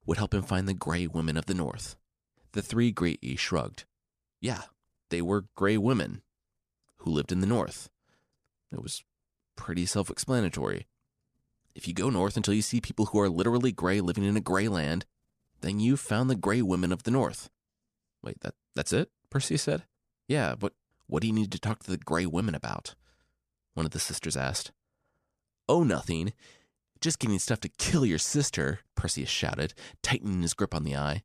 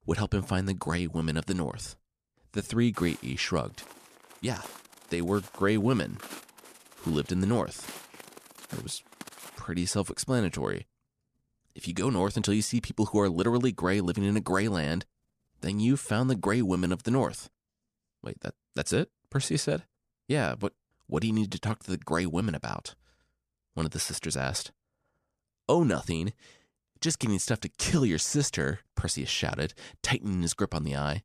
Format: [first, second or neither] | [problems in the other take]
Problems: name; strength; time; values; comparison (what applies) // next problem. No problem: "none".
first | footsteps; faint; from 3 to 9.5 s; peak 15 dB below the speech